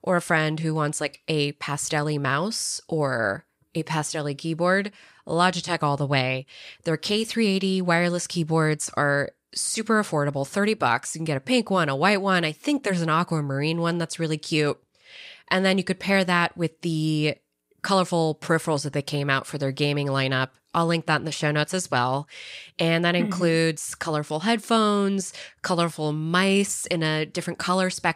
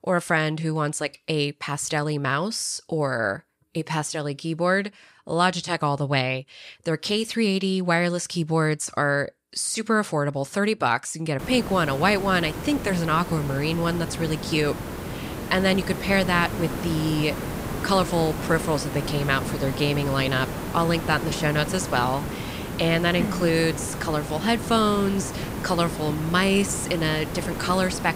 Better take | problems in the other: first | hiss; loud; from 11 s on; 7 dB below the speech

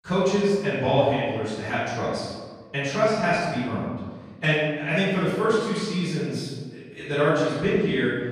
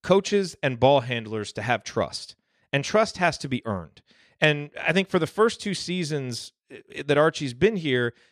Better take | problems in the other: second | room echo; strong; dies away in 1.3 s // off-mic speech; far

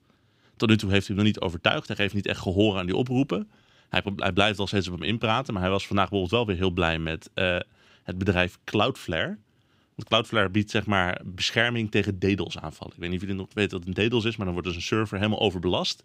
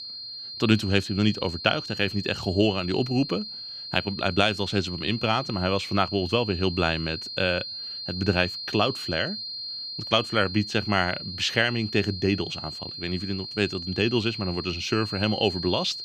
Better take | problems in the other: first | high-pitched whine; loud; throughout; 4 kHz, 8 dB below the speech

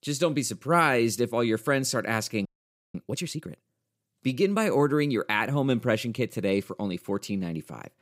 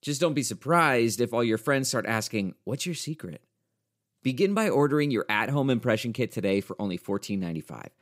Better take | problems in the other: second | audio freezing; at 2.5 s

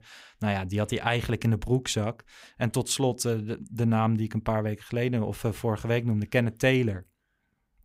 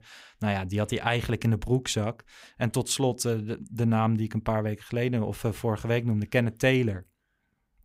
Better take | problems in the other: neither | none

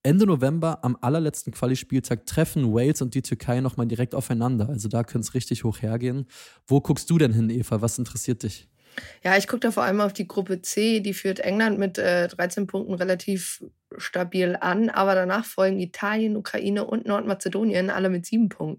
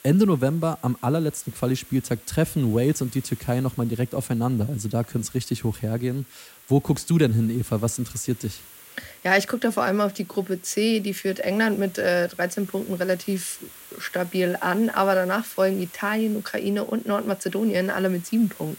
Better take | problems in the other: first | hiss; noticeable; throughout; 20 dB below the speech

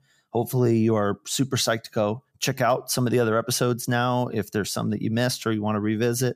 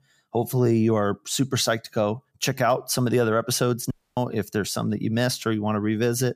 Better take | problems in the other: first | audio cutting out; at 4 s

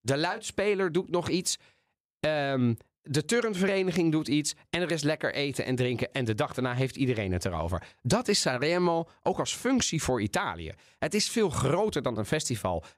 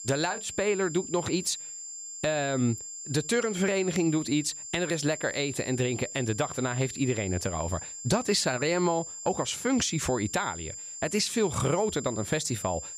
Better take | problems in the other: first | high-pitched whine; loud; throughout; 7.5 kHz, 9 dB below the speech

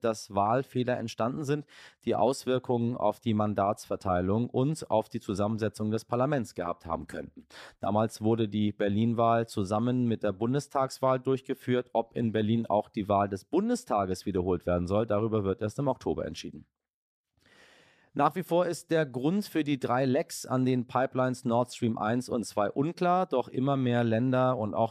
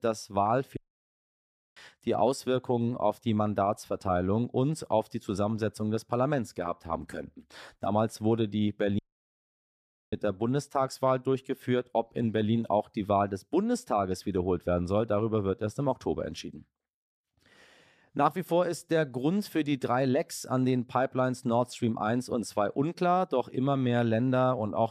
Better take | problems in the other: first | audio cutting out; at 1 s for 1 s and at 9 s for 1 s

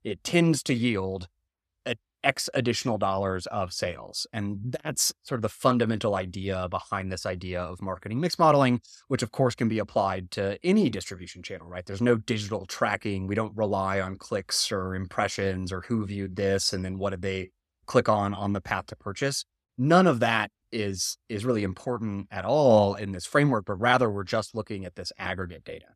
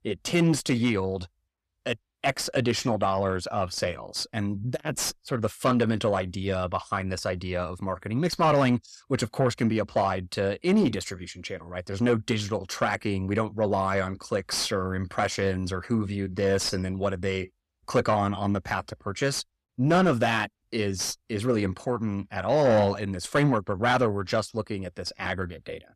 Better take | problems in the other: first | distortion; slight; 10 dB below the speech

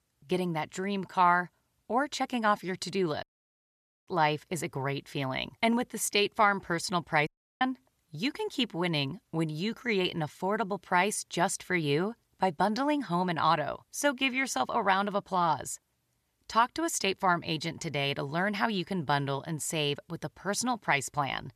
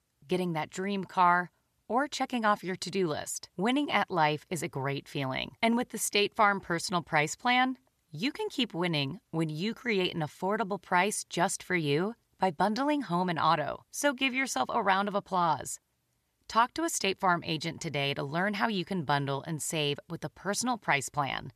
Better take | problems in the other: second | audio cutting out; at 3 s for 1 s and at 7.5 s

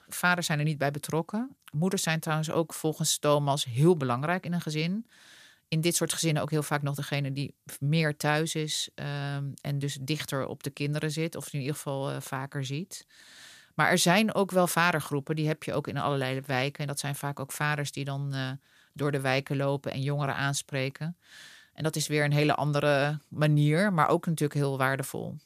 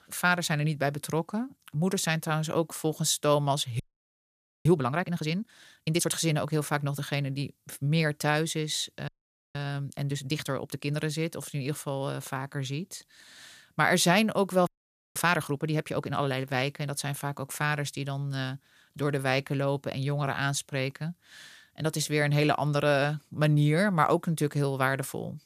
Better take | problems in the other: first | audio freezing; at 4 s for 1 s, at 9 s and at 15 s

